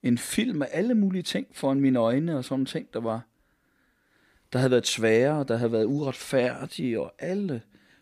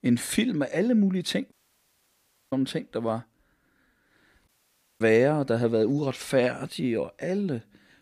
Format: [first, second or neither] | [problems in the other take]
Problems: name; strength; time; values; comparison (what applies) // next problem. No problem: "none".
first | audio cutting out; at 1.5 s for 1 s and at 4.5 s for 0.5 s